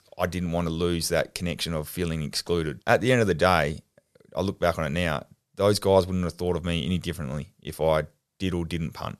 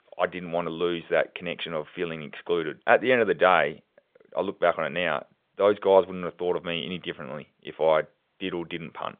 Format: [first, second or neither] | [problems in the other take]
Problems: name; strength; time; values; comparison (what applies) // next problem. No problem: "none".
first | phone-call audio; nothing above 3.5 kHz